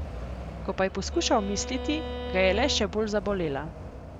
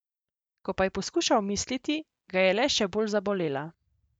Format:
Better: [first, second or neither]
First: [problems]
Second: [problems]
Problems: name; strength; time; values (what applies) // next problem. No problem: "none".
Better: second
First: background sound (Alarm / Truck + Bowed string instrument); 7 dB below the speech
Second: none